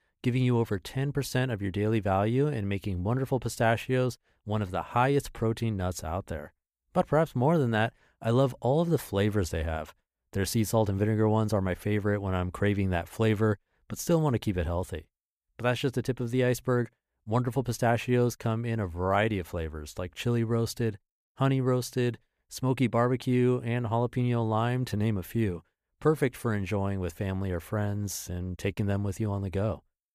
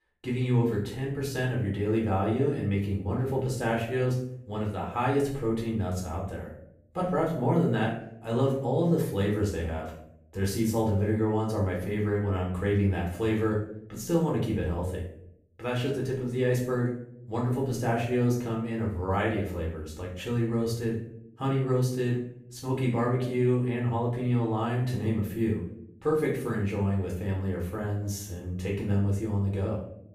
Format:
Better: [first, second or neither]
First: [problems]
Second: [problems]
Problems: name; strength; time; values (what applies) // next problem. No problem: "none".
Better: first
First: none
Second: off-mic speech; far // room echo; noticeable; dies away in 0.6 s